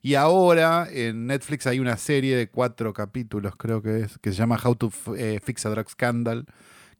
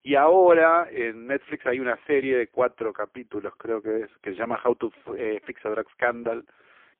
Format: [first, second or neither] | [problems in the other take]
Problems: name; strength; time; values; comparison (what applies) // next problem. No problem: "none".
first | phone-call audio; poor line; nothing above 3.5 kHz